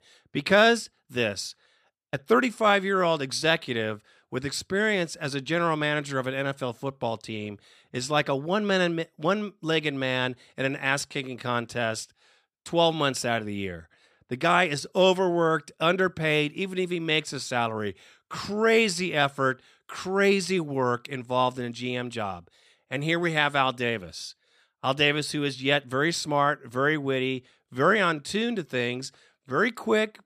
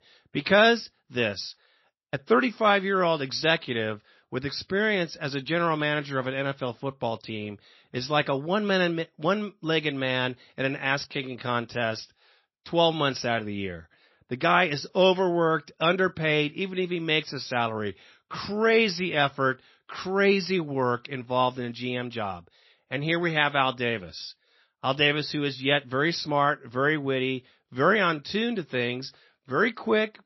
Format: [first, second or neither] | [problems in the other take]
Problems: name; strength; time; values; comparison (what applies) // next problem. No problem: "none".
first | garbled, watery; slightly; nothing above 5.5 kHz